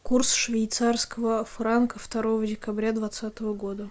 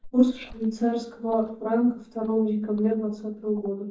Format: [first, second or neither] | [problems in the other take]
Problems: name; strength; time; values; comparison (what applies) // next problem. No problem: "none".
first | noise reduction (neural mask model DeepFilterNet 3)